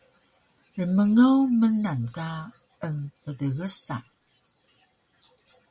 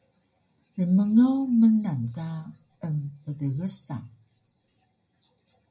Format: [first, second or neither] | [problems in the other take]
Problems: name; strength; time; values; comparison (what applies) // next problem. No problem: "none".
first | room echo; dies away in 0.5 s